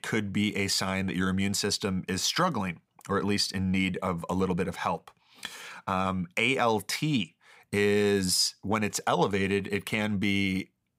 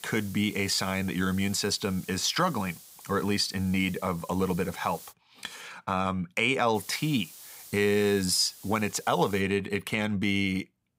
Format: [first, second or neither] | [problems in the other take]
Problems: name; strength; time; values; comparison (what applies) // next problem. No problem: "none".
first | hiss; noticeable; until 5 s and from 7 to 9.5 s; 20 dB below the speech